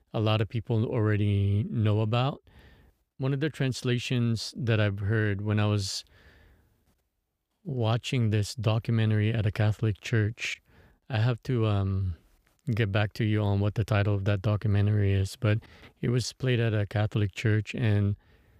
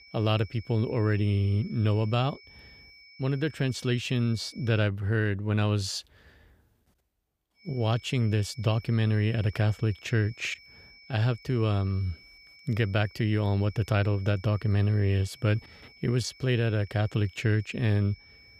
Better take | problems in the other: first | high-pitched whine; faint; until 5 s and from 7.5 s on; 2.5 kHz, 25 dB below the speech

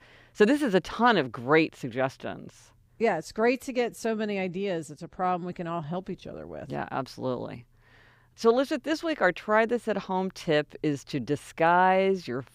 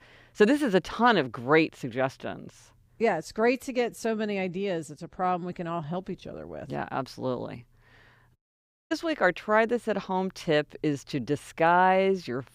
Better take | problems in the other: first | audio cutting out; at 8.5 s for 0.5 s

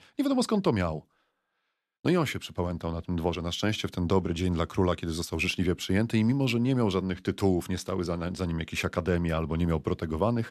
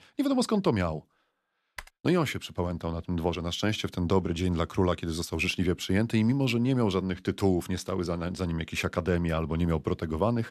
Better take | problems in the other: first | keyboard typing; faint; at 2 s; peak 15 dB below the speech

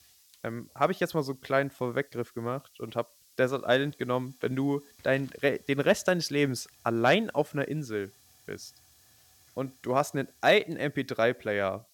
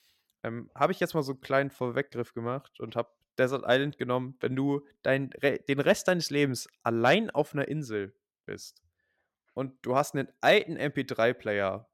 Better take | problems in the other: second | hiss; faint; throughout; 30 dB below the speech

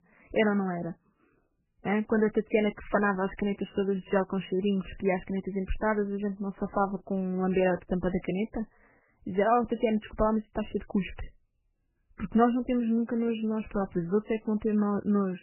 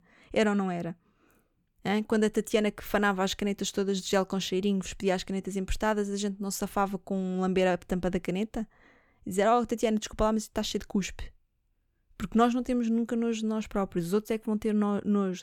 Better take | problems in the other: second | garbled, watery; badly; nothing above 3 kHz

